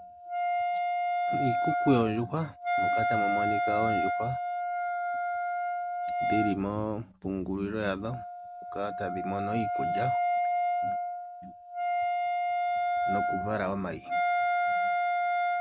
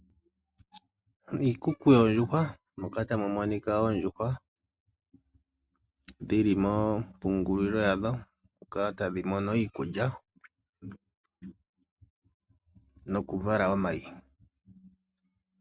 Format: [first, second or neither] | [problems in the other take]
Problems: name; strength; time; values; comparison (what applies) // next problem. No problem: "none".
second | background sound (Wind instrument, woodwind instrument); 5 dB above the speech